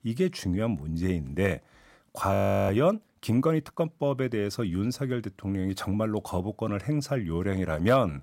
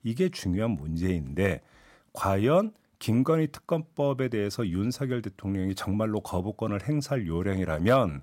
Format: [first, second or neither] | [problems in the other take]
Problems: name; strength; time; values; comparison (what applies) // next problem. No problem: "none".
second | audio freezing; at 2.5 s